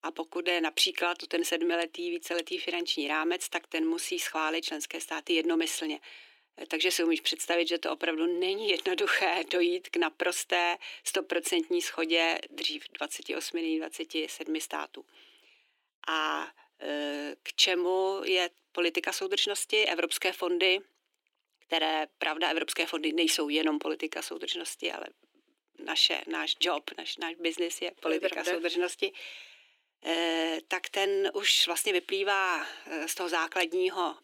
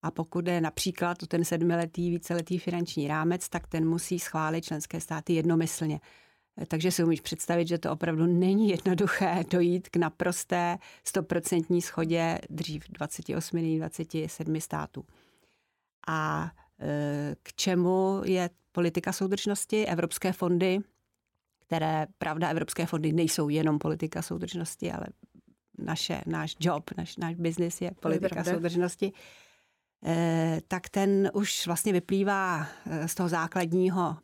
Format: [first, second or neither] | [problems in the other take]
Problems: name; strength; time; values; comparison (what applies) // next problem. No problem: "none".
second | thin; very; fading below 300 Hz